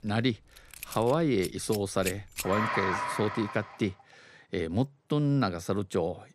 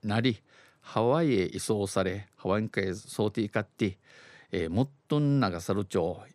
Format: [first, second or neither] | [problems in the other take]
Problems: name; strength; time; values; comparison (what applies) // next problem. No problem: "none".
second | household noises; loud; until 3.5 s; 5 dB below the speech